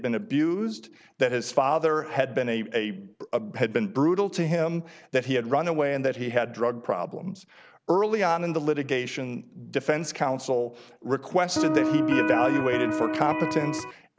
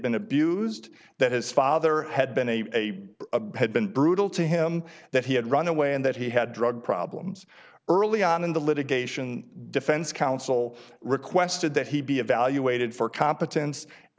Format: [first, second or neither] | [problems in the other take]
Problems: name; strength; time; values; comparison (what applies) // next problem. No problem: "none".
second | background sound (Electric guitar); 1 dB above the speech